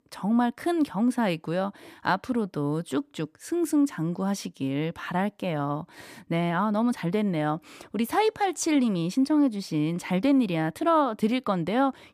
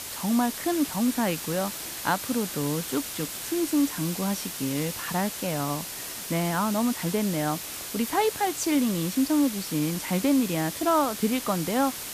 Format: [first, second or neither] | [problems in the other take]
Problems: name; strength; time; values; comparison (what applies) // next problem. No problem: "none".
first | hiss; loud; throughout; 6 dB below the speech